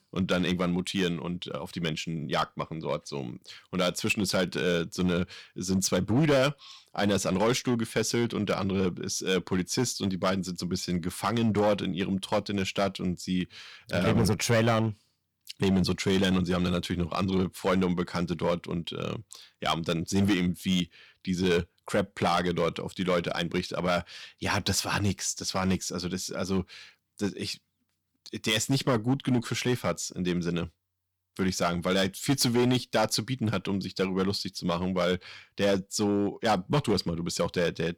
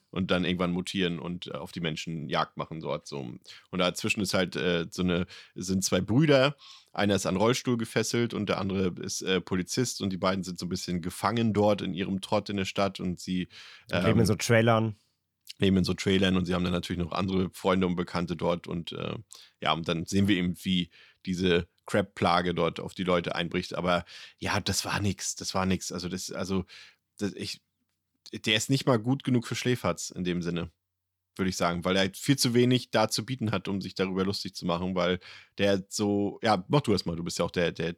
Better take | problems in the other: second | distortion; slight; 4% of the sound clipped

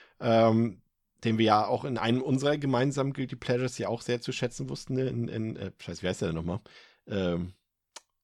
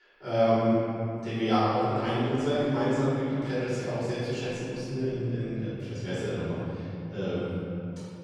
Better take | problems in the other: first | room echo; strong; dies away in 2.7 s // off-mic speech; far

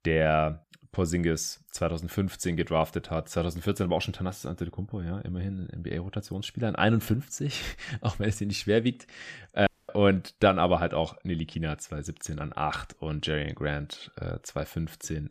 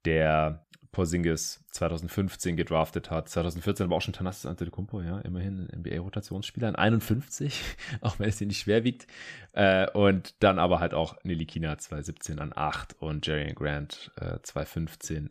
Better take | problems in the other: second | audio cutting out; at 9.5 s

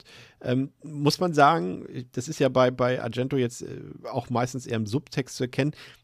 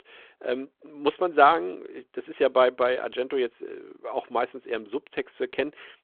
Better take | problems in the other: first | phone-call audio

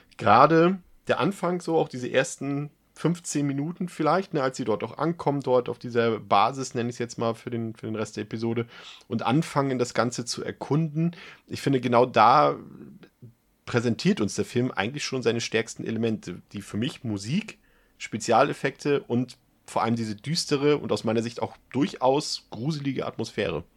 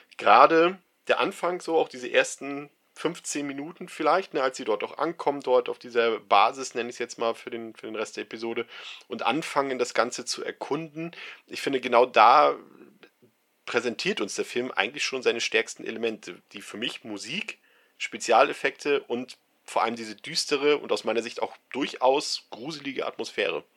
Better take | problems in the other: first | thin; somewhat; fading below 450 Hz

